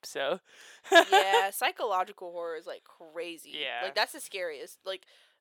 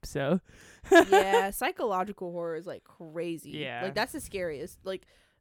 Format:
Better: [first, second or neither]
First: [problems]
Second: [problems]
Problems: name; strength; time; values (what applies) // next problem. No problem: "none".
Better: second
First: thin; very; fading below 650 Hz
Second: none